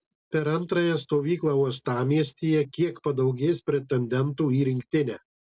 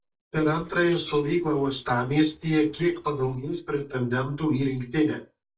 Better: first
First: none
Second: noise reduction (neural mask model DeepFilterNet 3)

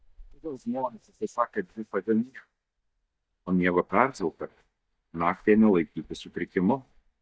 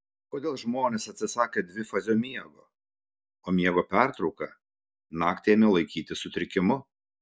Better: second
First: noise reduction (neural mask model DeepFilterNet 3)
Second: none

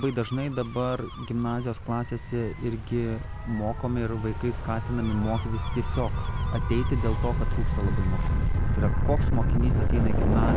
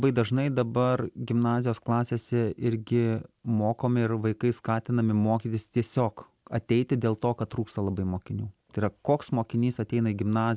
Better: second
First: background sound (Gull, seagull / Waves, surf / Siren); 3 dB above the speech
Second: none

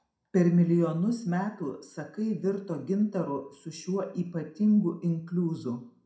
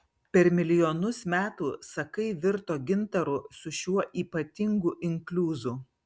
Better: second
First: room echo; dies away in 0.4 s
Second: none

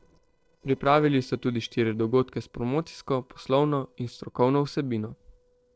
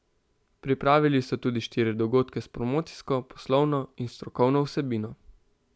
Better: second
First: noise reduction (neural separator model SepFormer DNS4)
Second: none

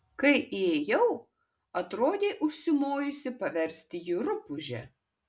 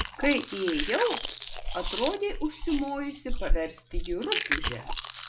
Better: first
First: none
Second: background sound (Chewing, mastication); as loud as the speech

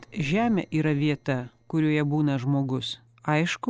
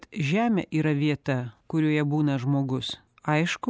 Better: second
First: noise reduction (neural separator model SepFormer DNS4)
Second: none

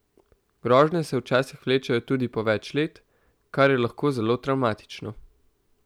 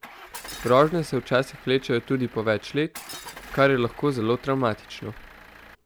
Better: first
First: none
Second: background sound (Engine starting / Car + Shatter); 18 dB below the speech

